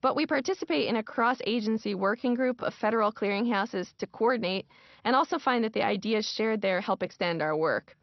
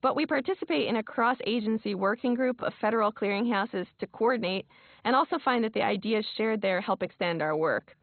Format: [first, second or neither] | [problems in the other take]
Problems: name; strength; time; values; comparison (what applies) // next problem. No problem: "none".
first | garbled, watery; badly; nothing above 4 kHz; slightly in the first